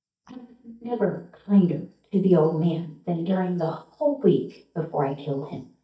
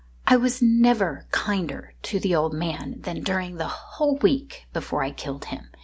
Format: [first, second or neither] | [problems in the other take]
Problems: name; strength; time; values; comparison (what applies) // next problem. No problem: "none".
second | noise reduction (neural mask model DeepFilterNet 3)